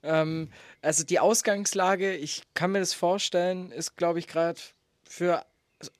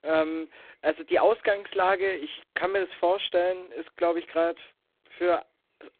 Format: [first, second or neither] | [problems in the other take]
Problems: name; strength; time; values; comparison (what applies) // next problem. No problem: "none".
first | phone-call audio; poor line